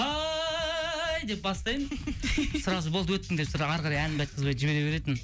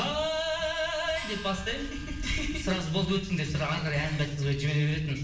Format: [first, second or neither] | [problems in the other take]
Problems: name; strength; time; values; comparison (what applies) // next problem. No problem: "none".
first | background sound (Gong); 18 dB below the speech // room echo; dies away in 0.7 s